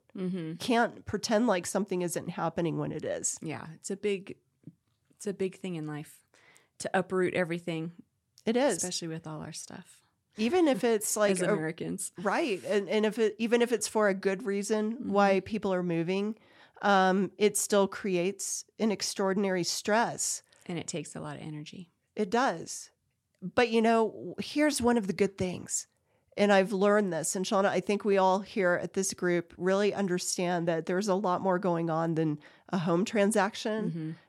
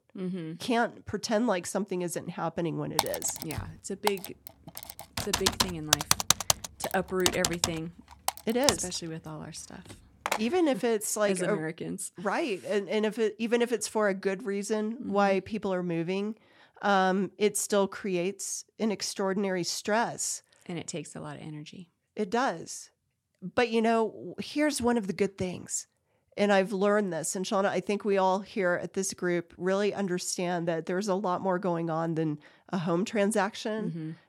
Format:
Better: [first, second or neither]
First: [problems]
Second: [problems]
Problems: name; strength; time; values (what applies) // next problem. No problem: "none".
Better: first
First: none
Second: keyboard typing; loud; from 3 to 10 s; peak 7 dB above the speech